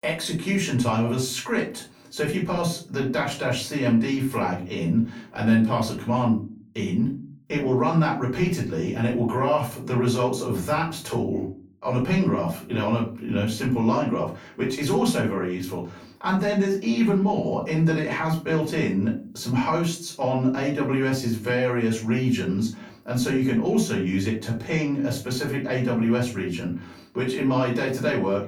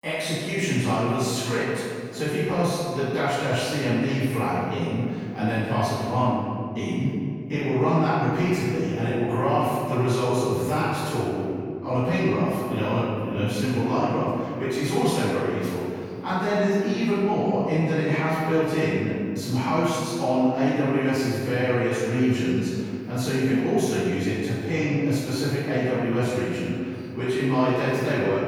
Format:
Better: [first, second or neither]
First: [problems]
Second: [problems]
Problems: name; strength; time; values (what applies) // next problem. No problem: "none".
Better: first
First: room echo; slight; dies away in 0.3 s // off-mic speech; far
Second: room echo; strong; dies away in 2.1 s // off-mic speech; far